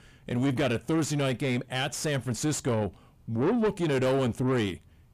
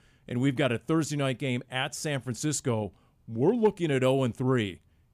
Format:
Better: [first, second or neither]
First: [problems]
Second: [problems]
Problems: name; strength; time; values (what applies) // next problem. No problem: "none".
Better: second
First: distortion; heavy; 7 dB below the speech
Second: none